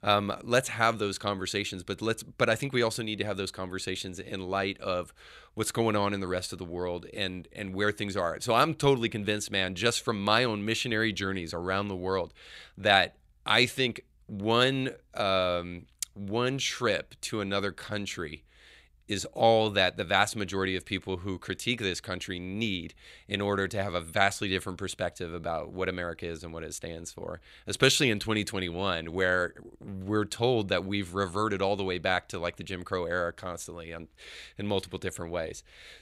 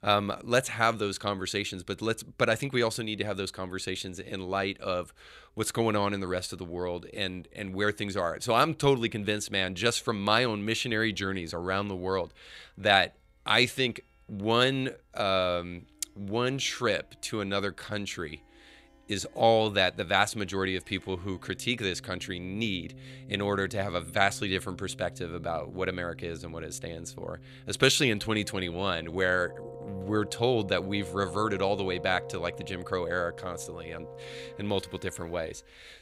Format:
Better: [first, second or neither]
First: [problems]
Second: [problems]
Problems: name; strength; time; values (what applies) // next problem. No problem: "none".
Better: first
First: none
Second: background music; noticeable; throughout; 15 dB below the speech